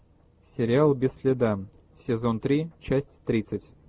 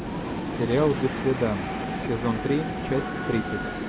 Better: first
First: none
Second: background sound (Train); 3 dB below the speech

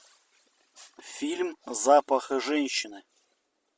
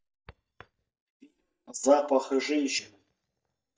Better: first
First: none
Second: noise reduction (neural mask model DeepFilterNet 3)

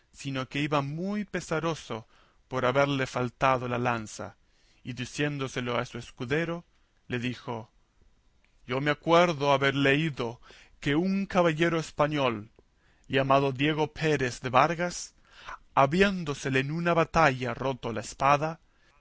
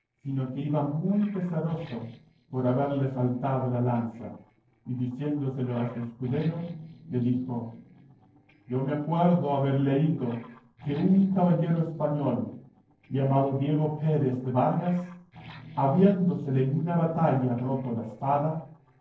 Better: first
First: none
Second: noise reduction (neural separator model SepFormer DNS4)

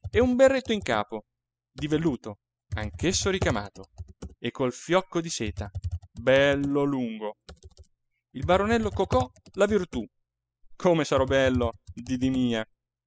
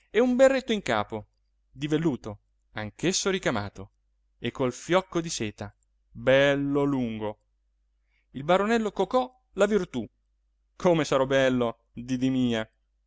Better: second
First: noise reduction (classical method spectral subtraction)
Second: none

